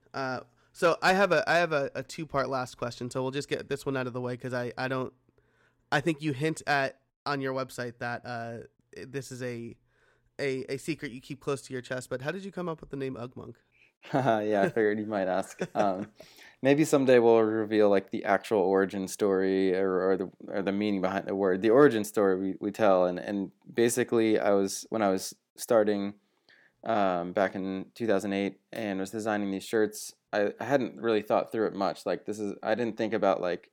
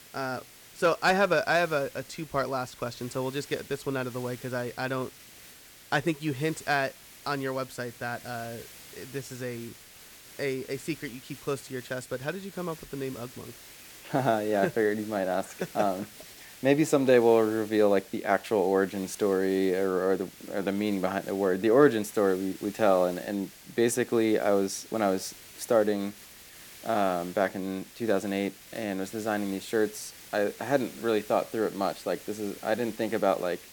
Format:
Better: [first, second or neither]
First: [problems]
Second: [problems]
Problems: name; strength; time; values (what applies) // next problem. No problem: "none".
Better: first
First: none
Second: hiss; noticeable; throughout; 20 dB below the speech